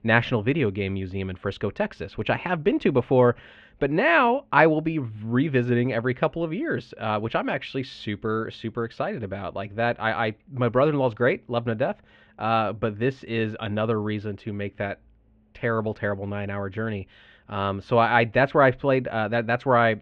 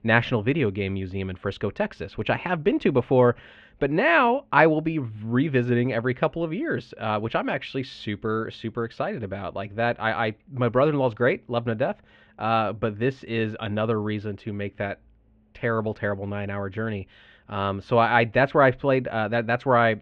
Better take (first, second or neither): neither